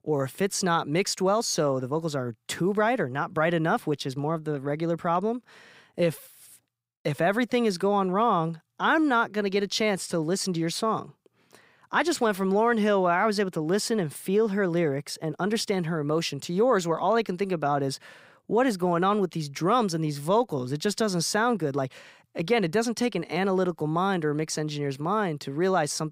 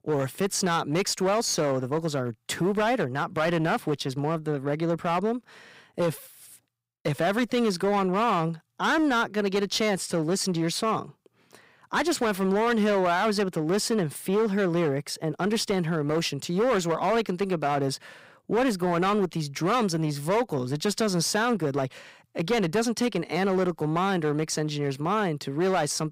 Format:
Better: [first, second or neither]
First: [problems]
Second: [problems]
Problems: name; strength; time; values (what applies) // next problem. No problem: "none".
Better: first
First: none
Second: distortion; slight; 13% of the sound clipped